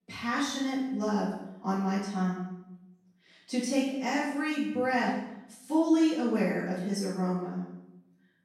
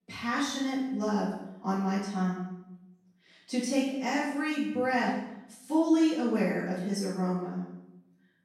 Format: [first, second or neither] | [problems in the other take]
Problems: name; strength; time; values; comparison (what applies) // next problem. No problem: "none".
neither | off-mic speech; far; the same in both // room echo; noticeable; dies away in 0.8 s; the same in both